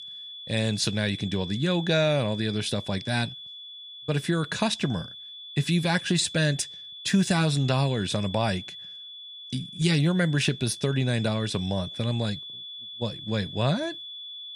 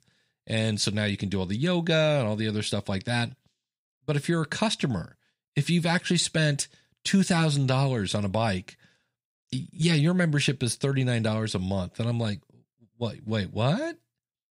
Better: second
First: high-pitched whine; noticeable; throughout; 3.5 kHz, 10 dB below the speech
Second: none

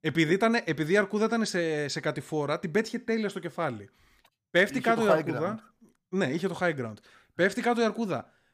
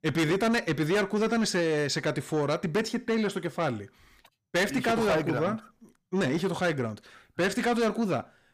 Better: first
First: none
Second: distortion; heavy; 7 dB below the speech

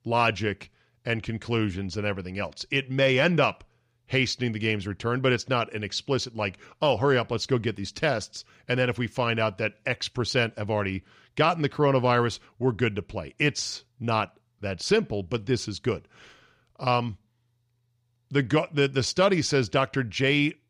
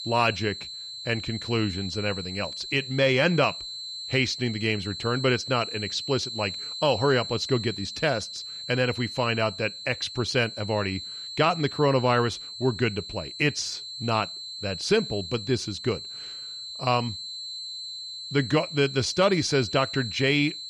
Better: first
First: none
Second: high-pitched whine; loud; throughout; 4 kHz, 8 dB below the speech

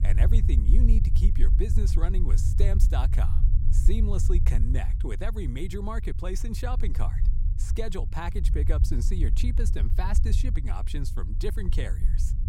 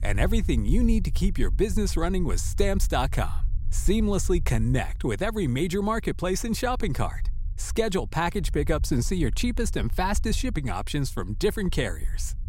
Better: second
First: low rumble; loud; throughout; 7 dB below the speech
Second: low rumble; faint; throughout; 25 dB below the speech

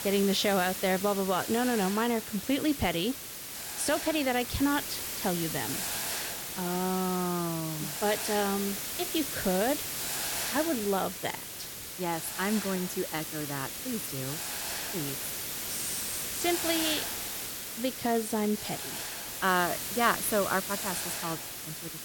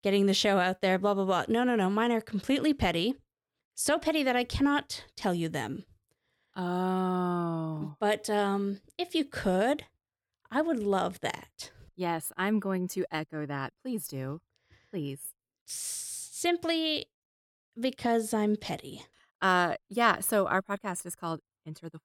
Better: second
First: hiss; loud; throughout; 3 dB below the speech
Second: none

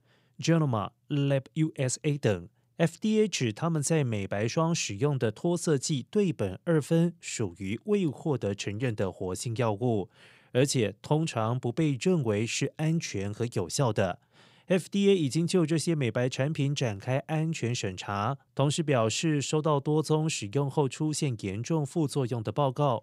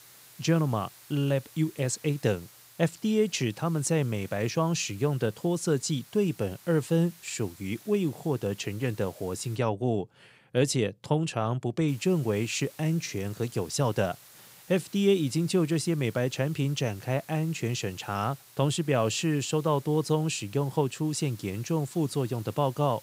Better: first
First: none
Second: hiss; faint; until 9.5 s and from 12 s on; 20 dB below the speech

